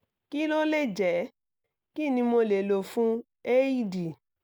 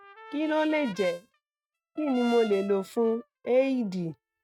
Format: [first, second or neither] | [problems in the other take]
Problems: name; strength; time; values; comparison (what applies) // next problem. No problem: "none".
first | noise reduction (neural mask model RNNoise)